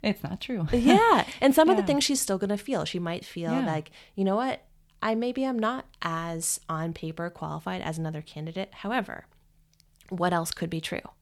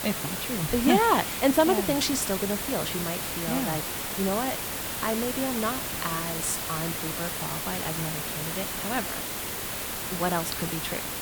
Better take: first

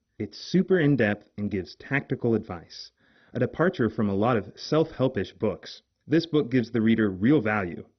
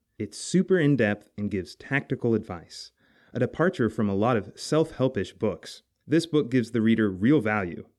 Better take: second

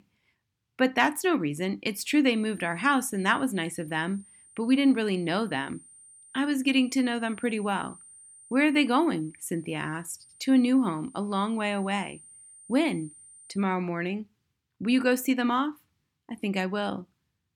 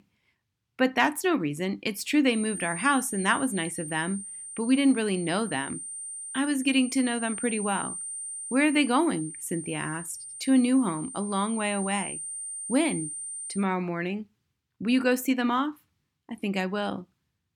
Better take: first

